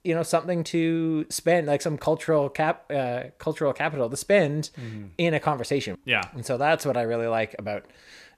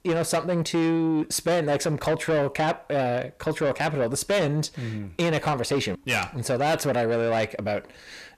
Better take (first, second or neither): first